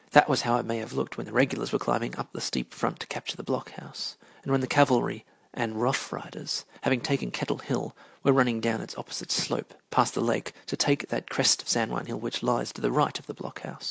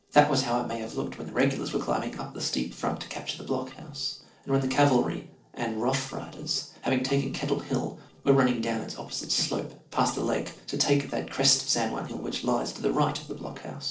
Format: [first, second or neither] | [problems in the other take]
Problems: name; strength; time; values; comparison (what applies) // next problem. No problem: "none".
first | noise reduction (neural separator model SepFormer DNS4)